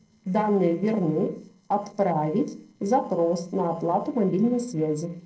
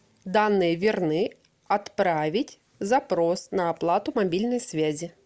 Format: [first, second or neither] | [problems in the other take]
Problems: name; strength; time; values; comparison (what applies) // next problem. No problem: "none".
second | noise reduction (neural separator model SepFormer DNS4)